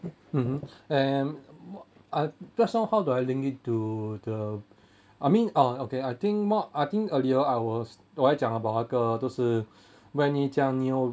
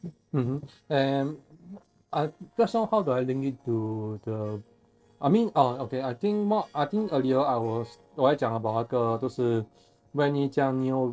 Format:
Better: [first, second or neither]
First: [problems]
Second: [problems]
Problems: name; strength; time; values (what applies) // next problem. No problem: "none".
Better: first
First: none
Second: noise reduction (neural separator model SepFormer DNS4)